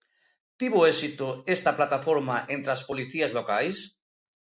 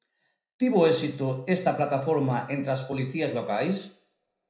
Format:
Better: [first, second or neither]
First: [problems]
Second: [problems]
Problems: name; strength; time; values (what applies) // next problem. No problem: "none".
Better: first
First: none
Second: room echo; dies away in 0.5 s